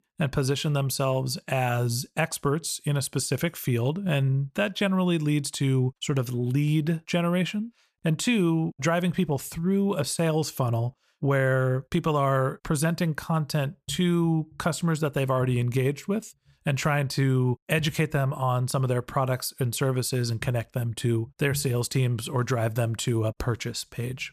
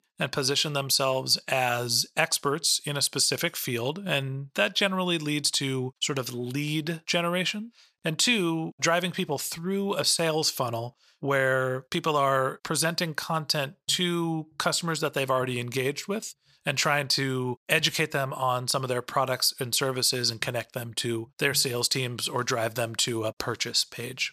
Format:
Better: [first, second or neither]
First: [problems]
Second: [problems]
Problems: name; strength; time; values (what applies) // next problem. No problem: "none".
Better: first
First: none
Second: thin; somewhat; fading below 500 Hz